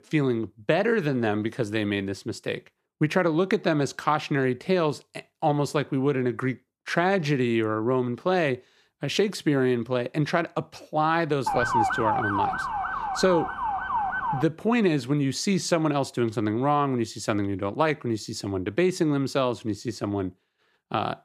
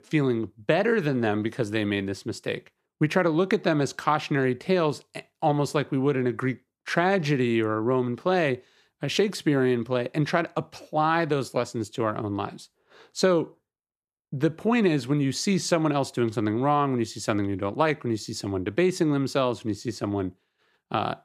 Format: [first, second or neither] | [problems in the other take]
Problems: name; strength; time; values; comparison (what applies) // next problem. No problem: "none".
second | siren; loud; from 11 to 14 s; peak 2 dB above the speech